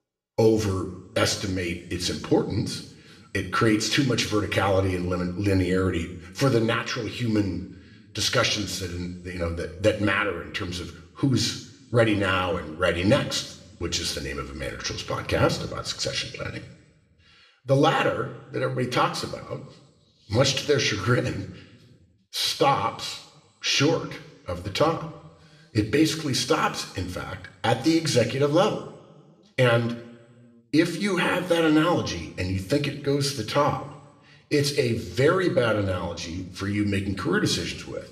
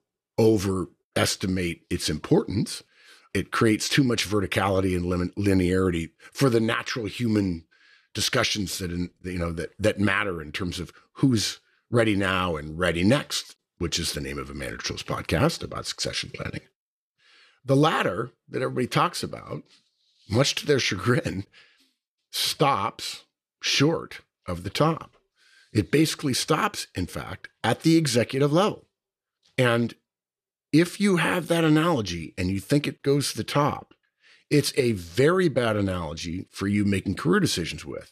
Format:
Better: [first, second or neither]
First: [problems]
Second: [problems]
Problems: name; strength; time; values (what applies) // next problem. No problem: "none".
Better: second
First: room echo; slight; dies away in 0.9 s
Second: none